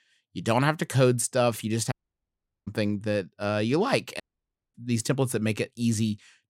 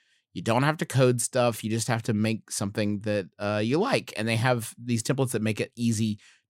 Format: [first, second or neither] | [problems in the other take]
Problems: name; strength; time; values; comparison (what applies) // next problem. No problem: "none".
second | audio cutting out; at 2 s for 1 s and at 4 s for 0.5 s